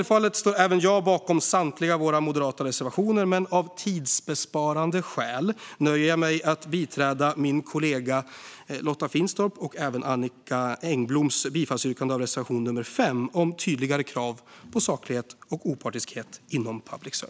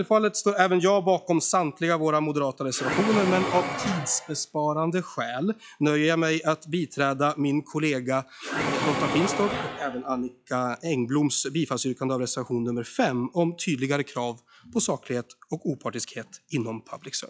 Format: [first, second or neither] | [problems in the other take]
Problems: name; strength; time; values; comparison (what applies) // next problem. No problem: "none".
first | noise reduction (classical method log-MMSE)